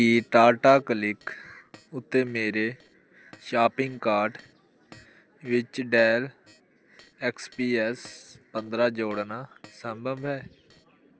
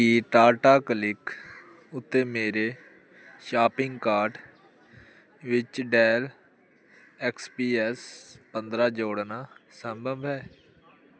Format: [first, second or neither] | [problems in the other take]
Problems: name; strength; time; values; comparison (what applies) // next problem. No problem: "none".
second | noise reduction (neural separator model SepFormer DNS4)